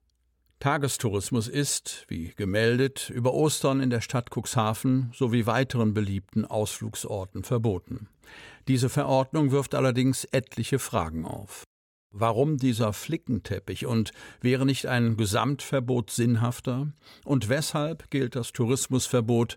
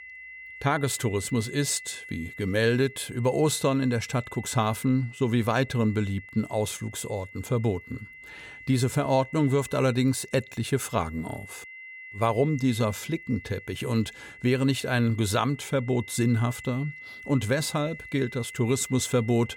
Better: first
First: none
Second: high-pitched whine; noticeable; throughout; 2 kHz, 15 dB below the speech

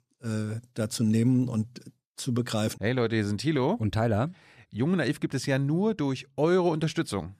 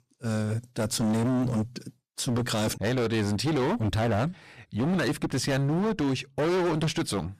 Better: first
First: none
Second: distortion; heavy; 26% of the sound clipped

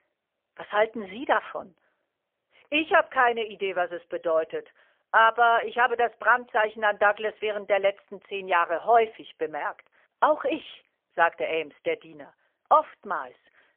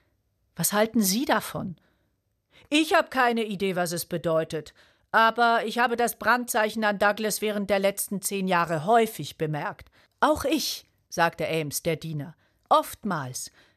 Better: second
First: phone-call audio; poor line; nothing above 3 kHz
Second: none

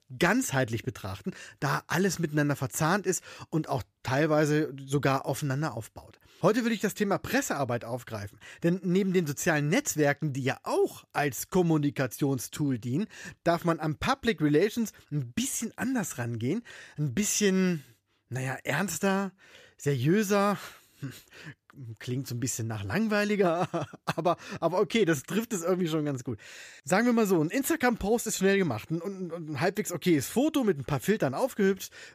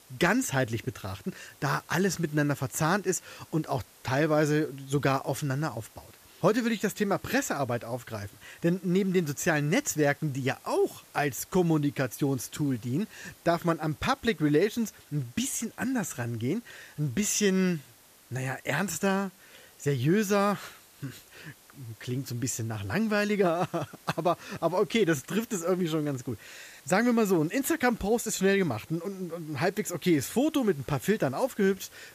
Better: first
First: none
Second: hiss; faint; throughout; 25 dB below the speech

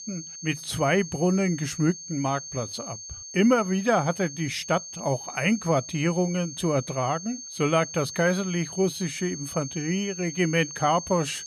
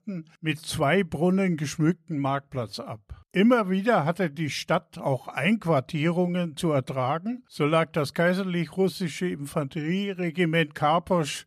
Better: second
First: high-pitched whine; noticeable; throughout; 6.5 kHz, 10 dB below the speech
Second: none

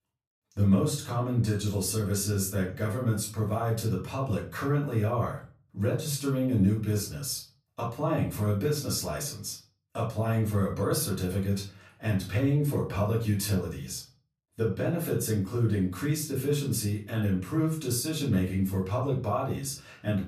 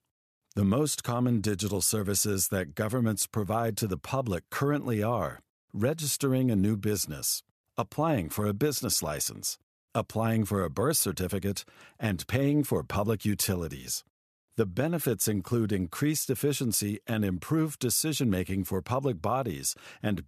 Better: second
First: off-mic speech; far // room echo; slight; dies away in 0.3 s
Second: none

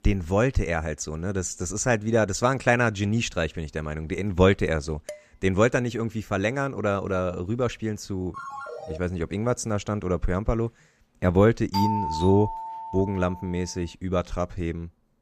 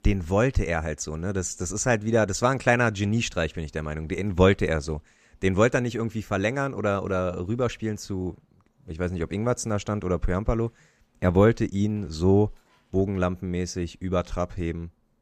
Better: second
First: clattering dishes; faint; at 5 s; peak 15 dB below the speech // phone ringing; faint; at 8.5 s; peak 10 dB below the speech // doorbell; noticeable; from 12 to 13 s; peak 1 dB below the speech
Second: none

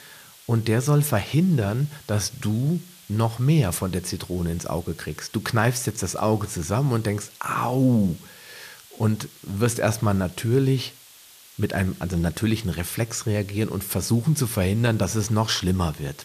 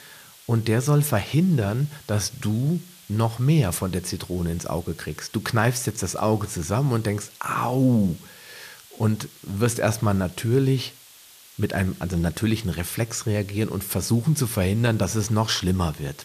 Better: neither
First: hiss; faint; throughout; 20 dB below the speech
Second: hiss; faint; throughout; 20 dB below the speech

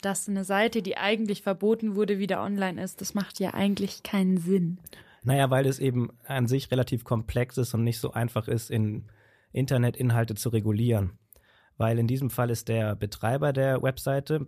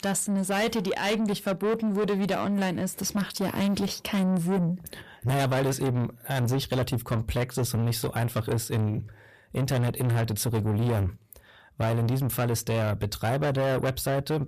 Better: first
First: none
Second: distortion; heavy; 8 dB below the speech

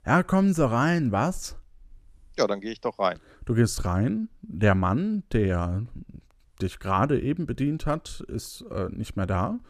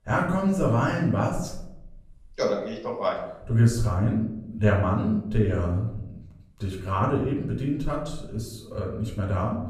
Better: first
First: none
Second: off-mic speech; far // room echo; slight; dies away in 0.6 s

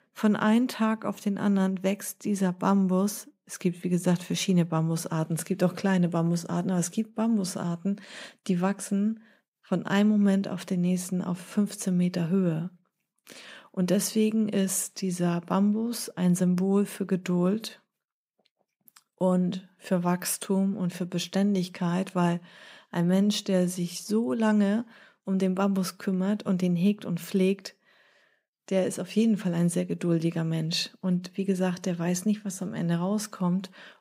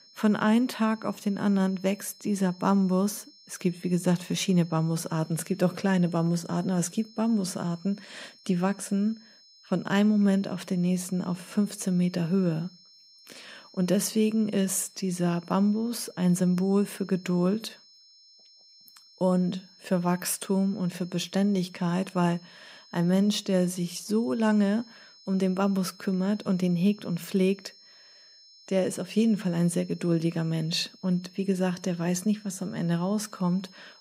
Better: first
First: none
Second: high-pitched whine; faint; throughout; 5.5 kHz, 25 dB below the speech

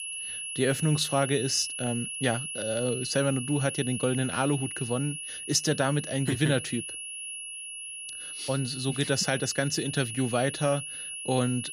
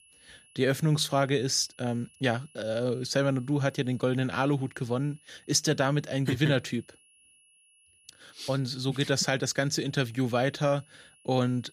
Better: second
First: high-pitched whine; loud; throughout; 10.5 kHz, 6 dB below the speech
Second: high-pitched whine; faint; throughout; 10.5 kHz, 30 dB below the speech

